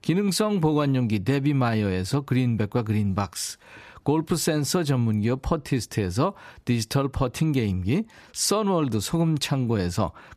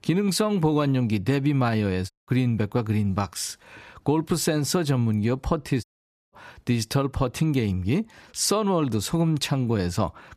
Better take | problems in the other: first | audio cutting out; at 2 s and at 6 s

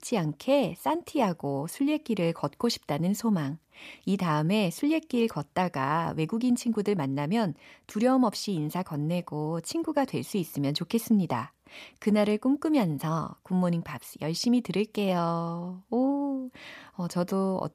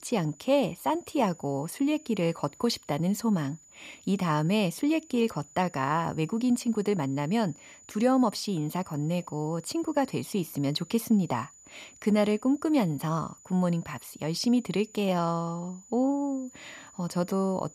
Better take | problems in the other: first | high-pitched whine; faint; throughout; 7 kHz, 25 dB below the speech

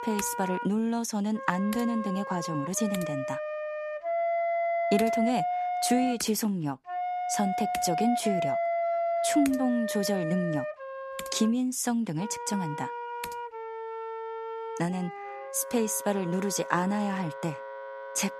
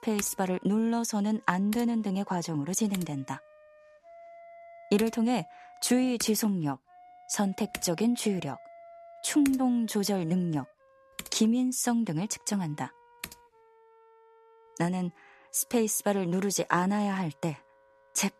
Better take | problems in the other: second | background music; loud; throughout; 3 dB below the speech; faint in the second

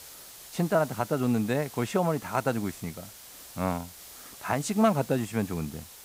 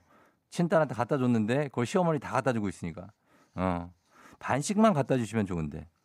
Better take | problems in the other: second | hiss; noticeable; throughout; 15 dB below the speech

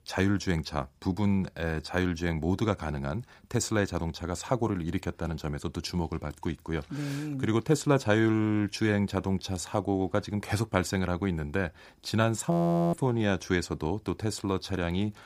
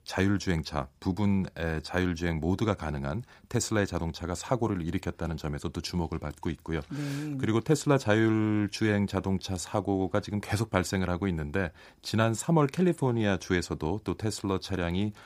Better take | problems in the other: second | audio freezing; at 13 s

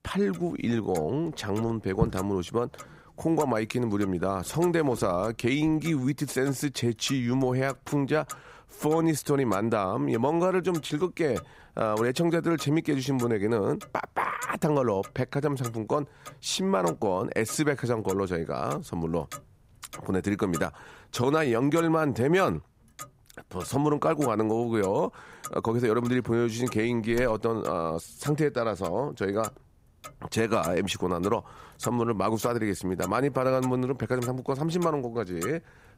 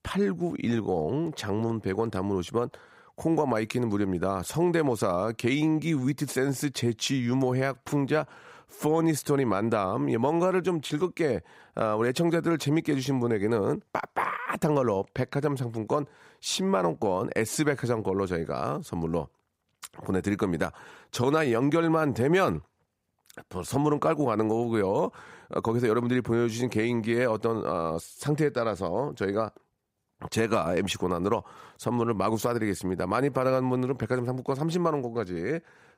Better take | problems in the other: second | household noises; noticeable; throughout; 15 dB below the speech

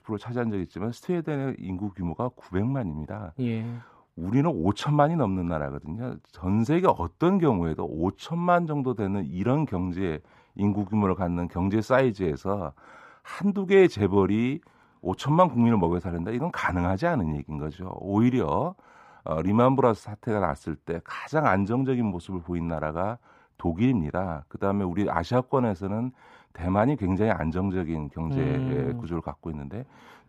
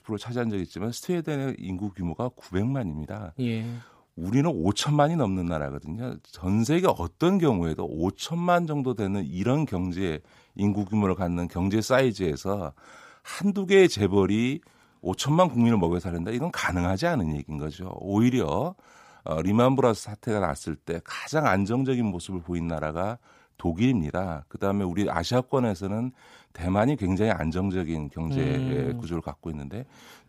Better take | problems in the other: second | muffled; slightly; fading above 3 kHz

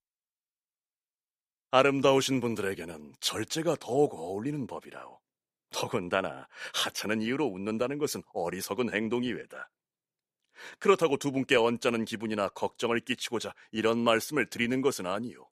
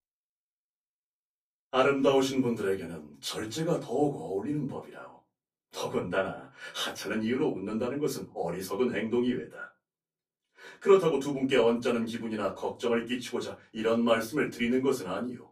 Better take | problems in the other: first | off-mic speech; far // room echo; very slight; dies away in 0.2 s

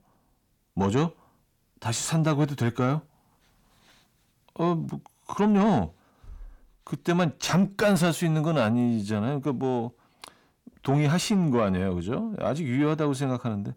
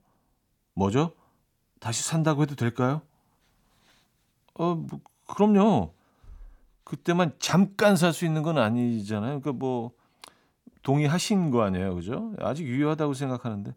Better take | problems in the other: second | distortion; slight; 10 dB below the speech

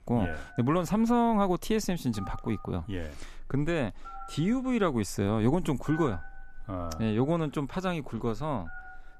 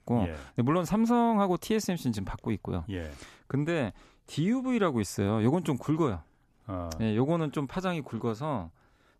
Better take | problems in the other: second | alarms or sirens; noticeable; throughout; 20 dB below the speech

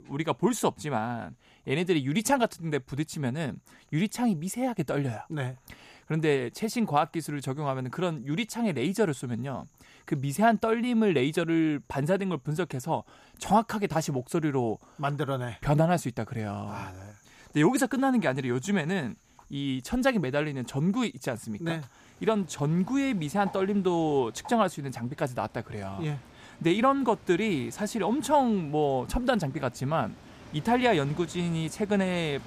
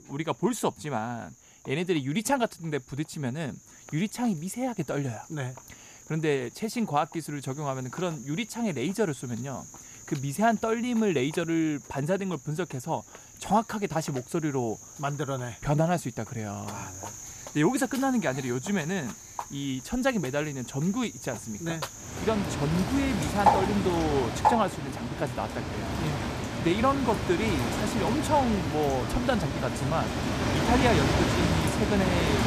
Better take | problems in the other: first | animal sounds; loud; throughout; 2 dB below the speech; faint in the first

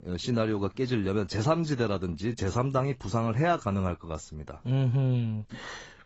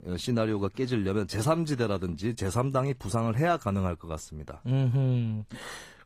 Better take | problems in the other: second | garbled, watery; badly; nothing above 7.5 kHz; slightly in the second

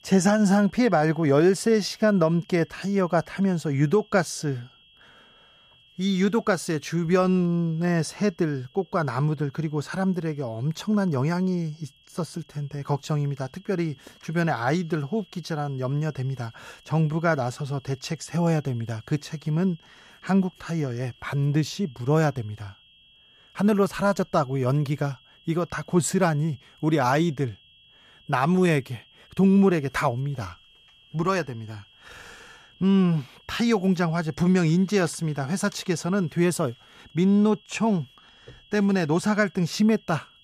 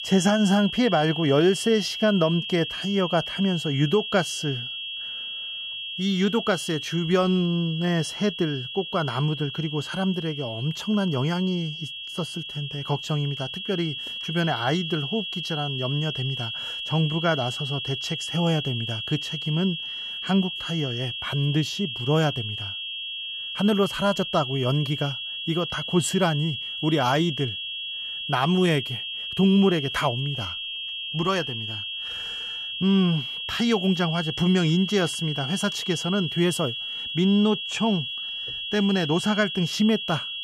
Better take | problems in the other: first | high-pitched whine; loud; throughout; 3.5 kHz, 5 dB below the speech; faint in the first

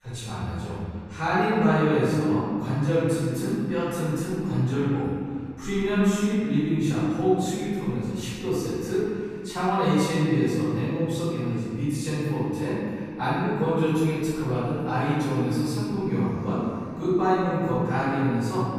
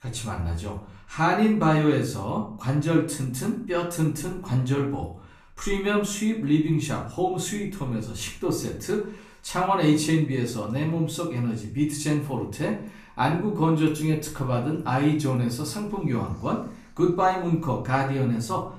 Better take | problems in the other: second | room echo; strong; dies away in 2.2 s; slight in the second // off-mic speech; far; far in the second

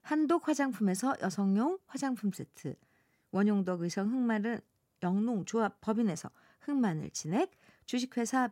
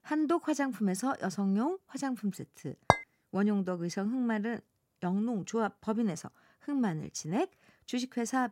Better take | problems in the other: first | clattering dishes; very faint; at 3 s; peak 4 dB above the speech

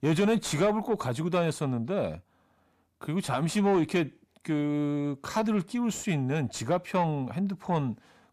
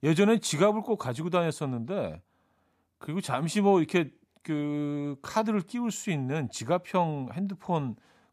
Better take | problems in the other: second | distortion; slight; 10 dB below the speech

